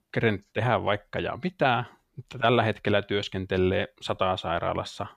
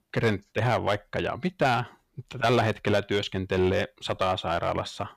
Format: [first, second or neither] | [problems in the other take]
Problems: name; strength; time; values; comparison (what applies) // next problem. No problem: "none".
first | distortion; slight; 3% of the sound clipped